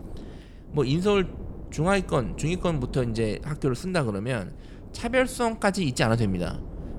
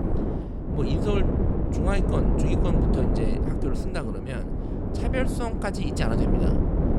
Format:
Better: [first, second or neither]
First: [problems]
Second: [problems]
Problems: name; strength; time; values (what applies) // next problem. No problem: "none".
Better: first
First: wind noise on the microphone; occasional gusts; 20 dB below the speech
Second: wind noise on the microphone; heavy; 1 dB above the speech